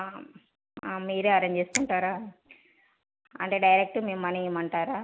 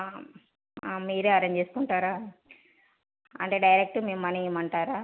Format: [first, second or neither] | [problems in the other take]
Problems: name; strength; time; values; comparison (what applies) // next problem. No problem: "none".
second | background sound (Finger snapping); 11 dB below the speech